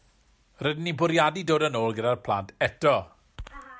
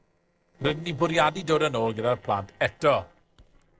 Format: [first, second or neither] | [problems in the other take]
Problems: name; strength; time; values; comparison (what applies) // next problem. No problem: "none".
first | noise reduction (neural separator model SepFormer DNS4)